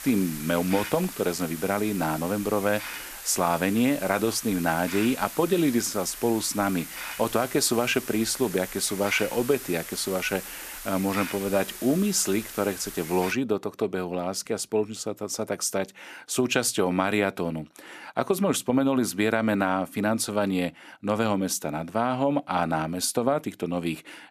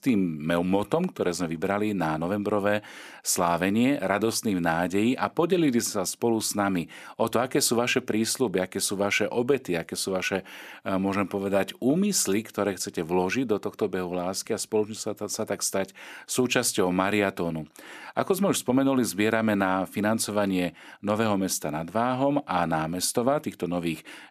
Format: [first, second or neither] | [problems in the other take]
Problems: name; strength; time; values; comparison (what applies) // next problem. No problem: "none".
second | hiss; noticeable; until 13 s; 10 dB below the speech